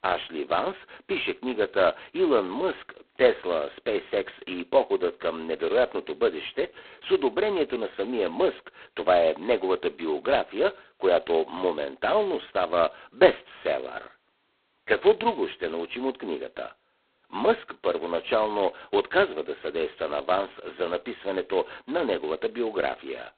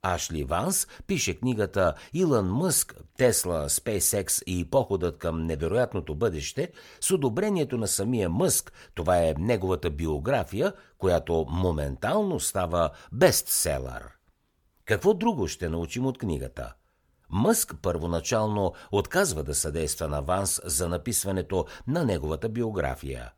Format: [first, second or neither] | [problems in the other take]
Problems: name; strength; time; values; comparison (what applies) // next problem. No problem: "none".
second | phone-call audio; poor line; nothing above 4 kHz